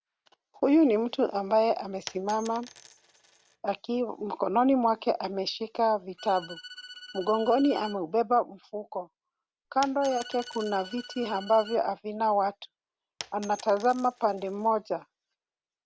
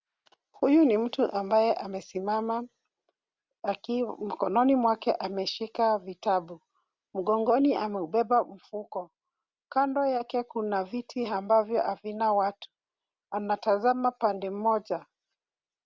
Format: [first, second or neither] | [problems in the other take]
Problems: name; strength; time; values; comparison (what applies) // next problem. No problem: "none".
second | background sound (Bowed string instrument + Coin (dropping)); 18 dB below the speech